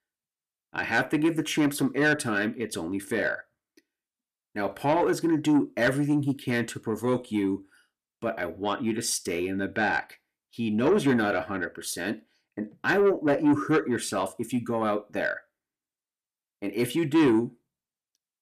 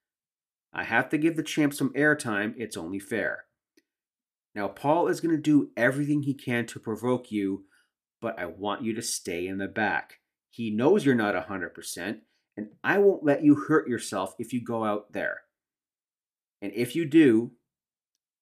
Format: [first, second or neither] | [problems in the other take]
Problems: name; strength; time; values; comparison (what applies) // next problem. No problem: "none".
second | distortion; slight; 10 dB below the speech